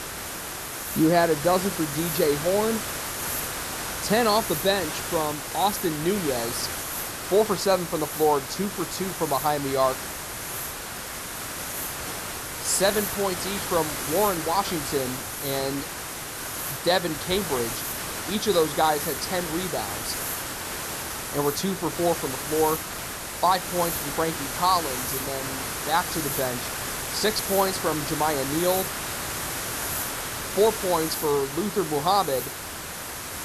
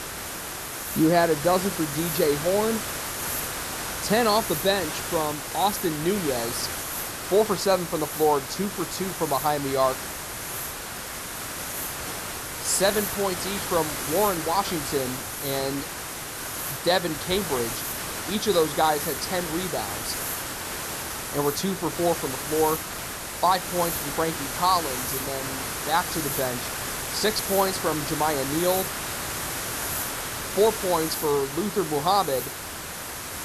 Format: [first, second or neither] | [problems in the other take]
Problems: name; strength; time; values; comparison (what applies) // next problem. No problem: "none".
neither | hiss; loud; throughout; 4 dB below the speech; the same in both